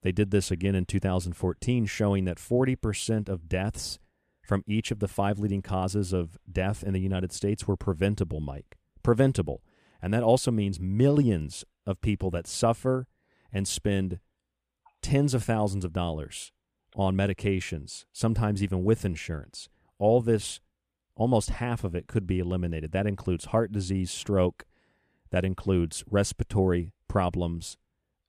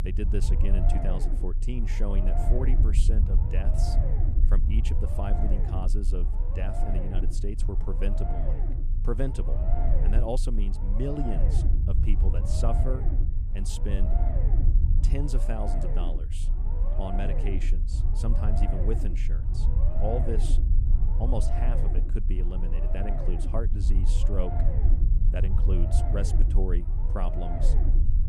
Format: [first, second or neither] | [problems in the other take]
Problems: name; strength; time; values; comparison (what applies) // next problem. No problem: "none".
first | low rumble; loud; throughout; 2 dB below the speech